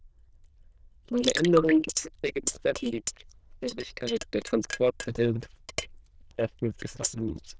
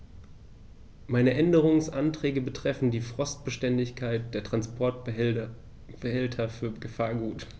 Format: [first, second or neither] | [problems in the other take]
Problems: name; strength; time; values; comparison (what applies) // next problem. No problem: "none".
second | noise reduction (neural diffusion model UNIVERSE++)